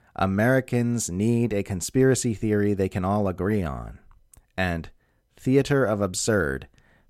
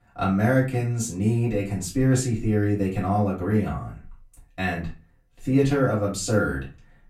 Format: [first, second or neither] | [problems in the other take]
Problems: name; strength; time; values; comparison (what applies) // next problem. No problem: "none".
first | off-mic speech; far // room echo; slight; dies away in 0.3 s